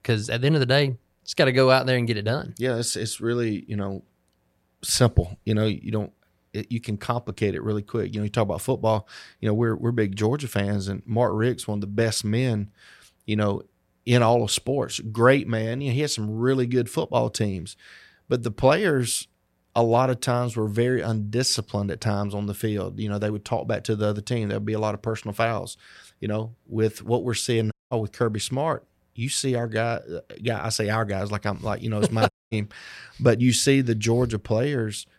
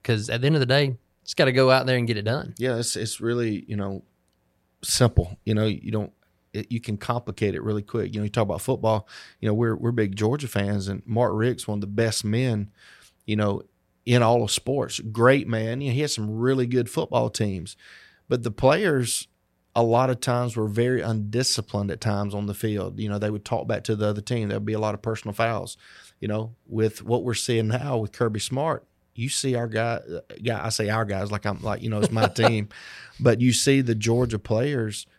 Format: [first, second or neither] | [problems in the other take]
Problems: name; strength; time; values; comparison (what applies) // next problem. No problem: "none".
second | audio cutting out; at 28 s and at 32 s